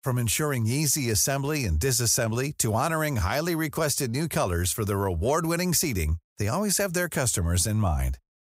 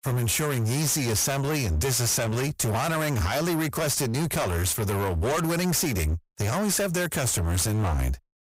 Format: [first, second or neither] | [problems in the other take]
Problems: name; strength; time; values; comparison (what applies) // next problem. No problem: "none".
first | distortion; heavy; 37% of the sound clipped